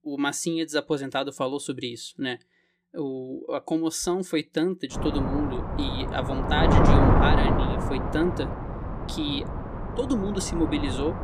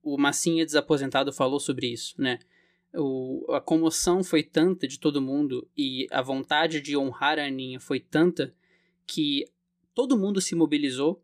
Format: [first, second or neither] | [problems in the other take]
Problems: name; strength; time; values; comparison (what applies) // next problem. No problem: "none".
second | wind noise on the microphone; heavy; from 5 s on; 1 dB above the speech